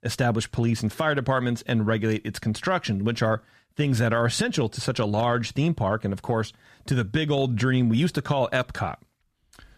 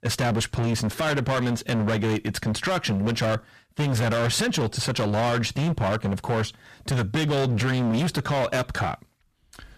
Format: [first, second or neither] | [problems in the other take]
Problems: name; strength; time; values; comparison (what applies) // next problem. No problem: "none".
first | distortion; heavy; 26% of the sound clipped